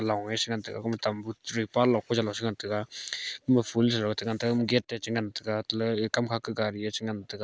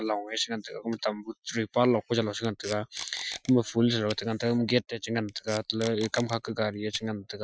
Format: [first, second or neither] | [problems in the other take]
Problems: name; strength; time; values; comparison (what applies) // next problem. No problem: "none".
first | noise reduction (classical method Wiener filter)